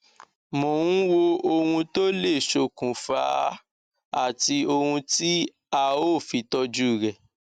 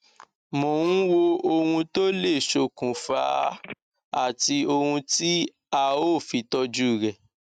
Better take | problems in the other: first | noise reduction (neural mask model RNNoise)

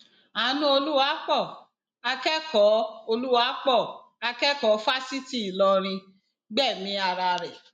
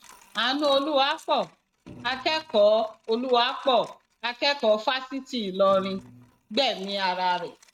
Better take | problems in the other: first | noise reduction (neural mask model RNNoise)

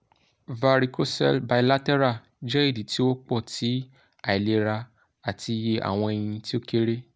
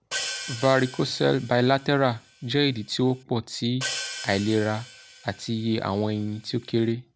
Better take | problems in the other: first | background sound (Hi-hat); 13 dB below the speech

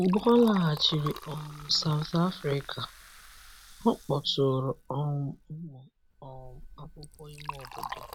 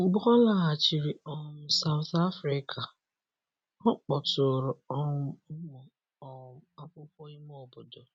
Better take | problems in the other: second | background sound (Liquid); 15 dB below the speech

